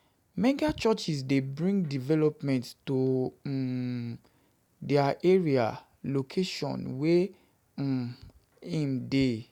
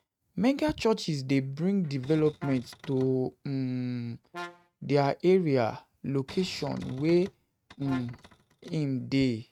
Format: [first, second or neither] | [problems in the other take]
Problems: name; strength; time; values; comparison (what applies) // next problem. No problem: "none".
first | noise reduction (neural mask model RNNoise)